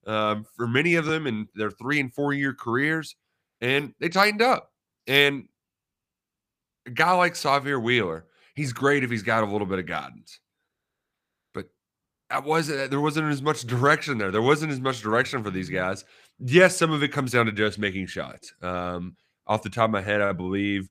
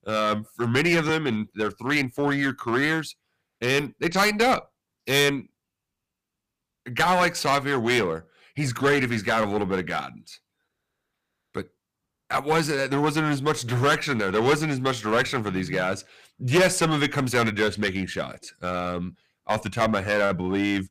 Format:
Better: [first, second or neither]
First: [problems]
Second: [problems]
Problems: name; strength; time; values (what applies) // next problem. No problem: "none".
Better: first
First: none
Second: distortion; heavy; 6% of the sound clipped